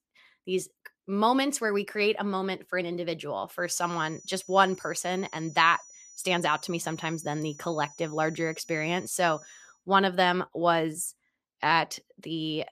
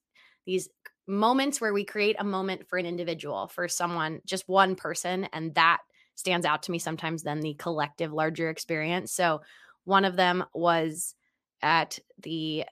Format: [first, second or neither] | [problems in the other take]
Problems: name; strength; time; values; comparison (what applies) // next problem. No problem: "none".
second | high-pitched whine; faint; from 3.5 to 9.5 s; 6 kHz, 20 dB below the speech